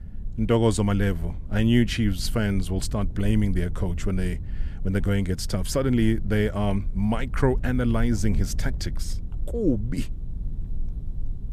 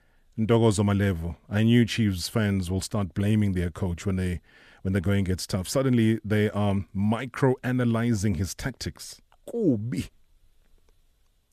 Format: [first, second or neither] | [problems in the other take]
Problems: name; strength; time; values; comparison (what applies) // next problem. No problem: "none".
second | low rumble; faint; throughout; 20 dB below the speech